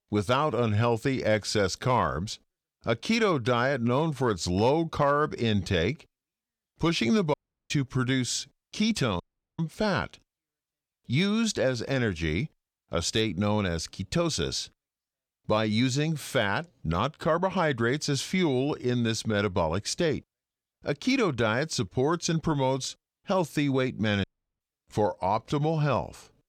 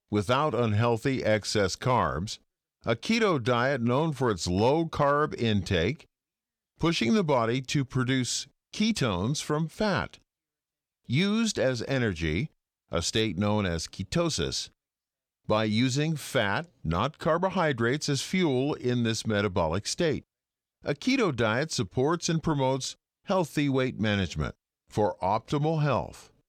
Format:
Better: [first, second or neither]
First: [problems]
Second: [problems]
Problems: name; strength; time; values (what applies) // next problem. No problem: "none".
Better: second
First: audio cutting out; at 7.5 s, at 9 s and at 24 s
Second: none